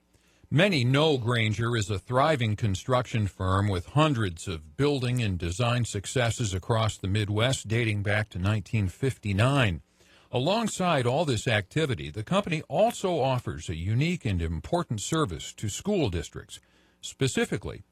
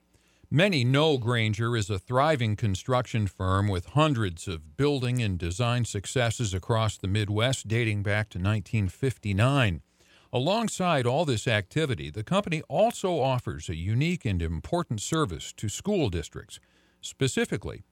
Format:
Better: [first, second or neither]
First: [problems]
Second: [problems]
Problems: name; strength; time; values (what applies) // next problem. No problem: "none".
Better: second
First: garbled, watery; slightly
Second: none